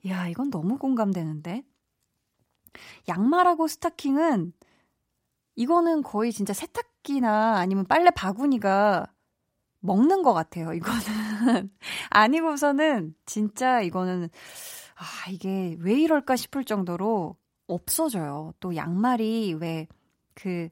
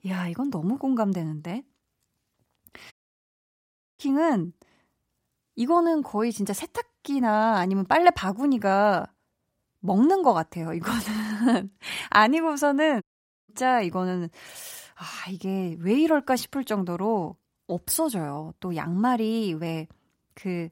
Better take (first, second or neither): first